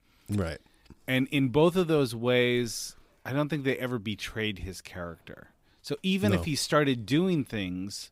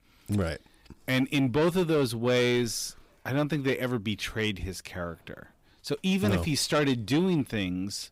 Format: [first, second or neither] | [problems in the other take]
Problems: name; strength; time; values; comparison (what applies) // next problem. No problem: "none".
first | distortion; slight; 10 dB below the speech